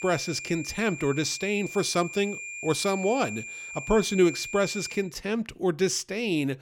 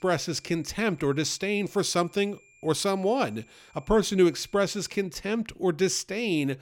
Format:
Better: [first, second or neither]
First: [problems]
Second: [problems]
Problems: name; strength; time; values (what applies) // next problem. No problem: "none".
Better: second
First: high-pitched whine; loud; until 5 s; 2.5 kHz, 9 dB below the speech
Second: high-pitched whine; faint; until 5 s; 2.5 kHz, 30 dB below the speech